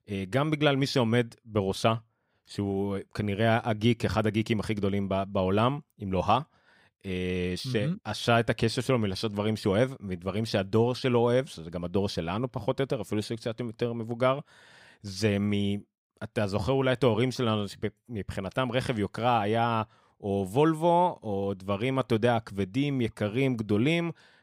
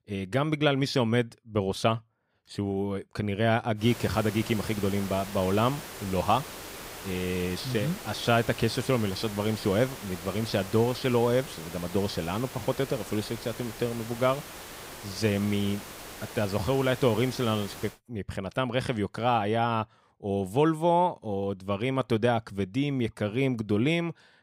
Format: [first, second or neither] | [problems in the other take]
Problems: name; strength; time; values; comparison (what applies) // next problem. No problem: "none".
first | hiss; noticeable; from 4 to 18 s; 10 dB below the speech